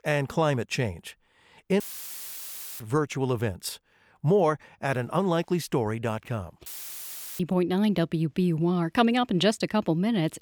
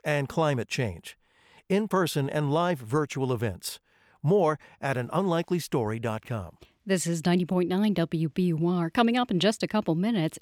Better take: second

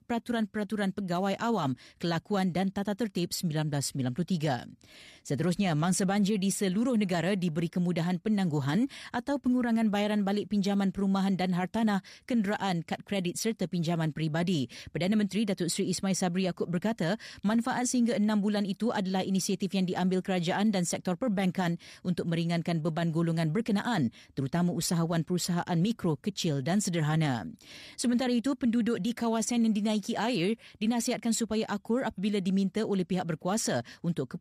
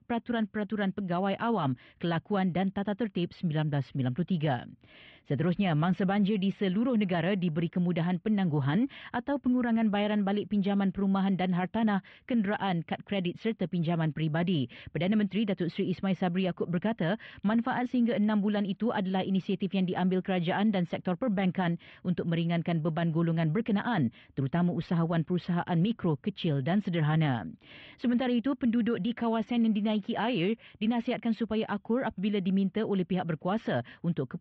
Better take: first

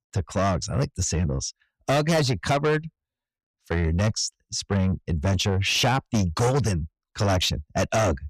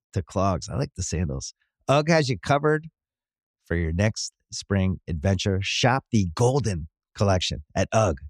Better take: second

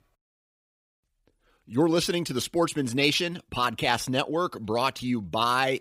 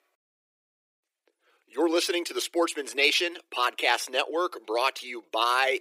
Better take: first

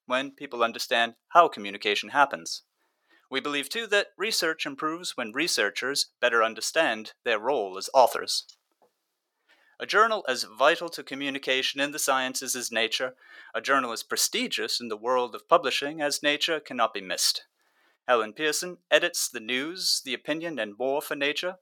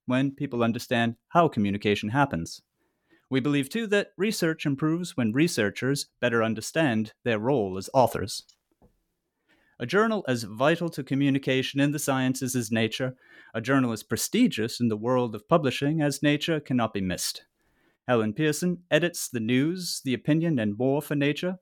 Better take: second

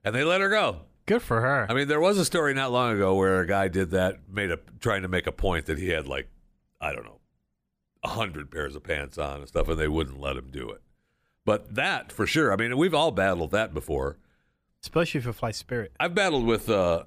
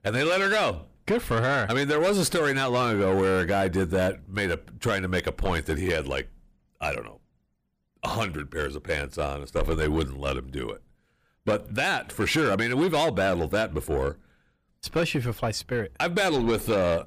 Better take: first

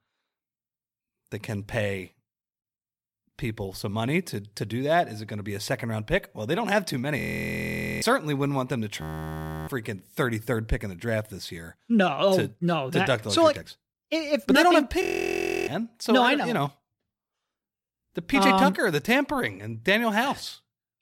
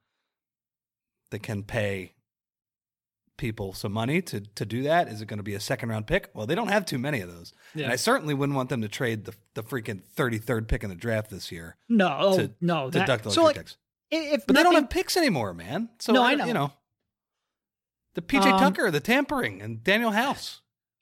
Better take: second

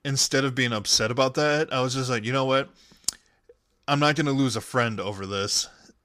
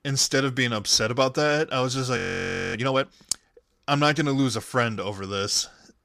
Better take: first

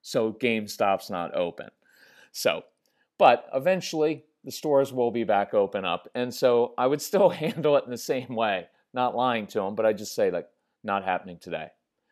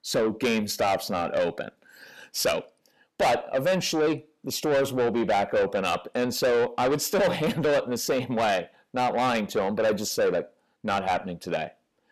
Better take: first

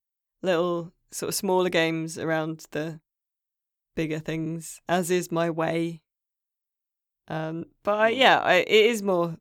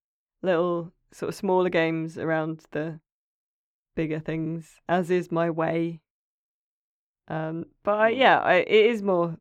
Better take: first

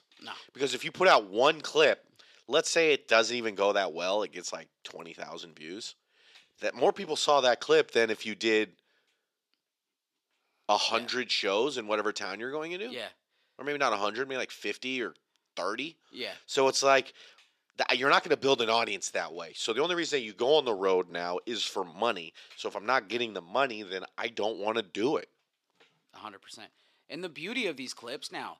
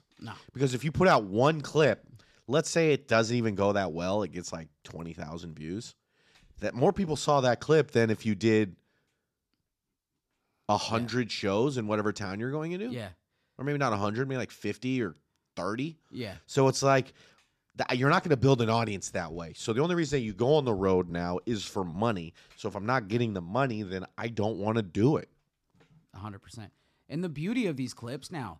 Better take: second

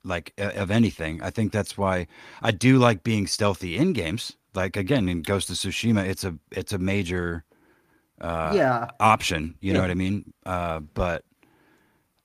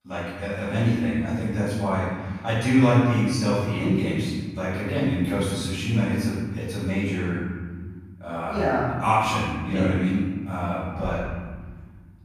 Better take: first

